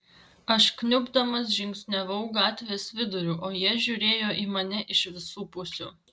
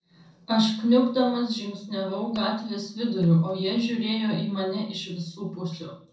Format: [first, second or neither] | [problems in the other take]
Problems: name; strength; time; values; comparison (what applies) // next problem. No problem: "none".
first | noise reduction (neural separator model SepFormer DNS4)